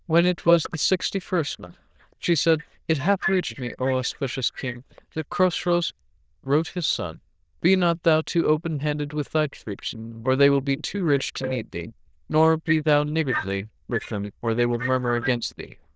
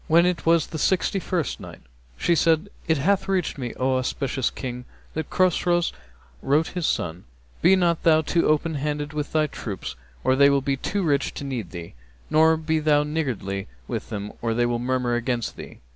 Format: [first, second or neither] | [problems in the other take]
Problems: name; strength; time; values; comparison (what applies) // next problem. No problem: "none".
second | noise reduction (neural diffusion model UNIVERSE++)